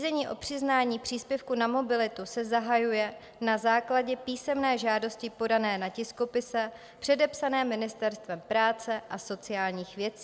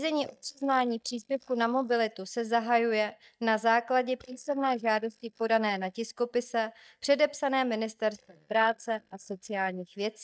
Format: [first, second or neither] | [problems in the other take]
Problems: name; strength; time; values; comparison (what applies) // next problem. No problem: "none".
first | noise reduction (neural mask model DeepFilterNet 3)